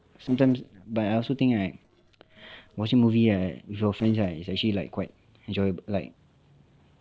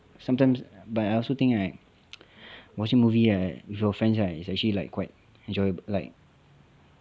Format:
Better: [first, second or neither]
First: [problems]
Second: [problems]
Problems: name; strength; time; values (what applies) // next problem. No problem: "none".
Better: second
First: noise reduction (neural separator model SepFormer DNS4)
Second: none